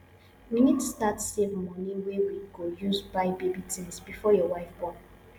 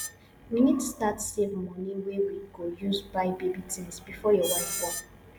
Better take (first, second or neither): first